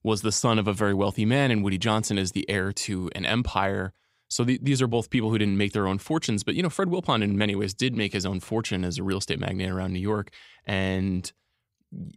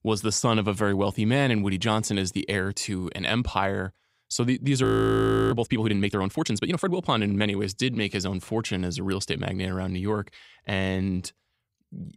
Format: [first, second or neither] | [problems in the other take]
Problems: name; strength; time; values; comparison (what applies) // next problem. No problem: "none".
first | audio freezing; at 5 s for 0.5 s